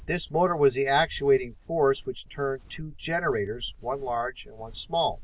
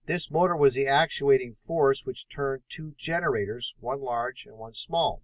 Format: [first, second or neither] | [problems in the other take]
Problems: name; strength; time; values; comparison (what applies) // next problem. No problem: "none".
second | background sound (Walk, footsteps); 18 dB below the speech